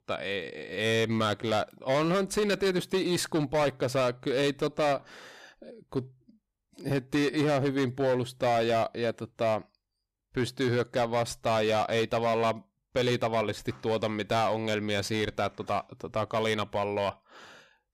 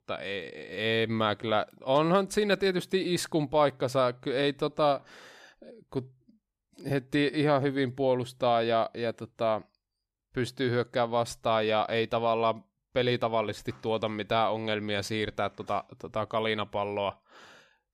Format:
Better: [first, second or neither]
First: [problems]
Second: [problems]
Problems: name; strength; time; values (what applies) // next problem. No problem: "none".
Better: second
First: distortion; slight; 9% of the sound clipped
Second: none